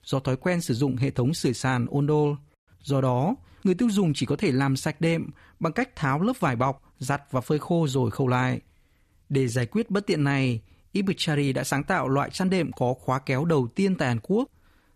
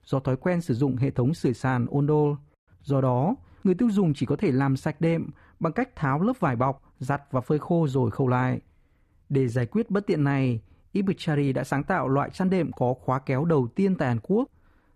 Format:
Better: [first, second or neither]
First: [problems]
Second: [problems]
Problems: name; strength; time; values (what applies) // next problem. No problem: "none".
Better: first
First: none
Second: muffled; slightly; fading above 2 kHz